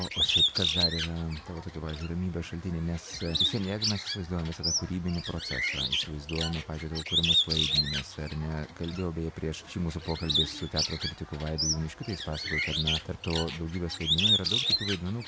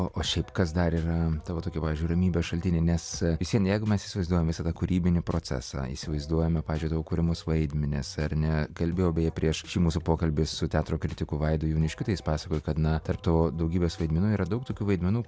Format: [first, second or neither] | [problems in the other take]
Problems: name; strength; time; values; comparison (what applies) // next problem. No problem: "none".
second | background sound (Bird); 2 dB above the speech